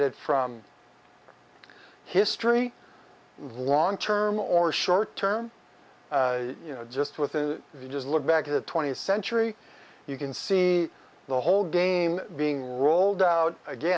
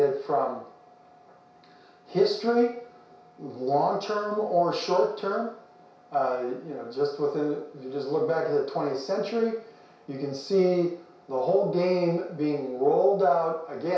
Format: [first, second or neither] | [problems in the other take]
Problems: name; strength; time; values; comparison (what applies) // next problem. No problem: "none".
first | room echo; dies away in 0.6 s